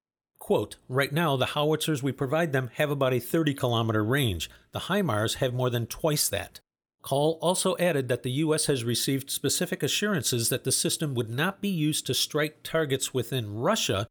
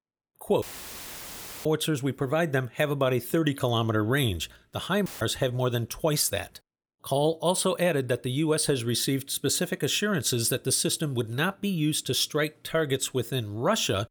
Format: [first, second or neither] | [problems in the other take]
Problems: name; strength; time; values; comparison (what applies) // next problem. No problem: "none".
first | audio cutting out; filled with static; at 0.5 s for 1 s and at 5 s